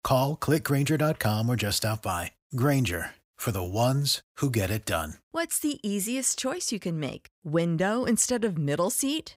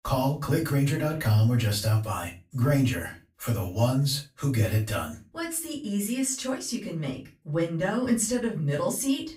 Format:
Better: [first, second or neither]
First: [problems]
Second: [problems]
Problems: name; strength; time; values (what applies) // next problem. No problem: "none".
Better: first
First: none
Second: off-mic speech; far // room echo; slight; dies away in 0.3 s